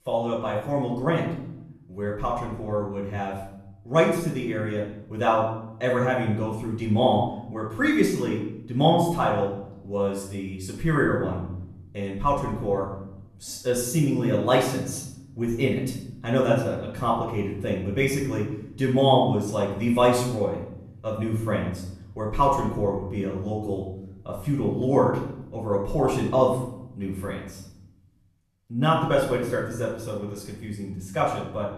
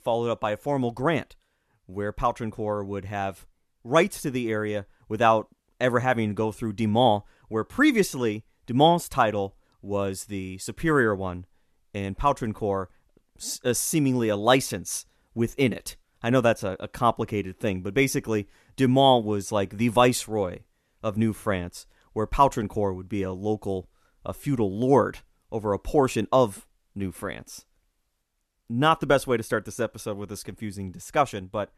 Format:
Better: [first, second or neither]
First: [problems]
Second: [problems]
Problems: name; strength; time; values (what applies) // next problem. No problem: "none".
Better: second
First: off-mic speech; far // room echo; noticeable; dies away in 1 s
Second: none